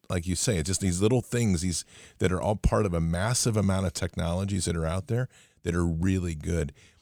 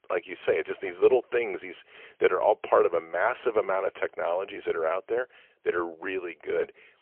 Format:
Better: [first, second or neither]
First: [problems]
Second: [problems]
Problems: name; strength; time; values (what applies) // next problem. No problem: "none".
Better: first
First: none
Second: phone-call audio; poor line; nothing above 3 kHz